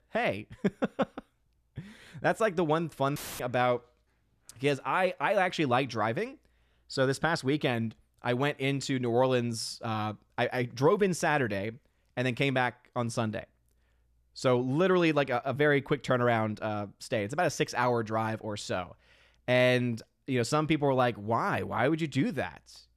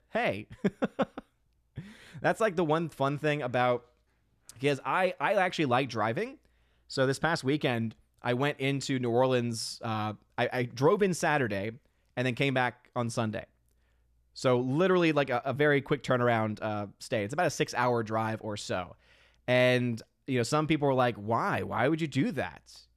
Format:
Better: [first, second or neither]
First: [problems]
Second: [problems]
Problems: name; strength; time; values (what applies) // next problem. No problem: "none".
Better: second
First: audio cutting out; filled with static; at 3 s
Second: none